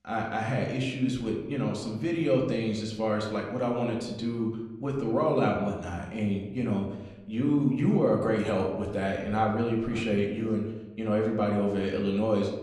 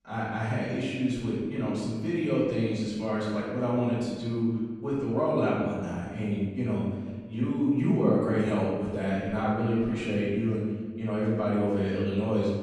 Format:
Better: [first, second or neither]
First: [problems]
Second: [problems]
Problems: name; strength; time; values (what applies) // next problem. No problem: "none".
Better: first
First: room echo; slight; dies away in 0.8 s // off-mic speech; somewhat distant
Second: room echo; strong; dies away in 1.4 s // off-mic speech; far